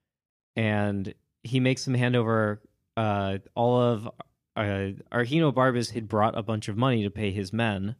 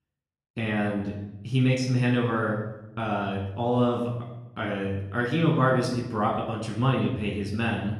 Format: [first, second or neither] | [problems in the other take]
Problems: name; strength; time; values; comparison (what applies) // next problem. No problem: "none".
first | off-mic speech; far // room echo; noticeable; dies away in 0.8 s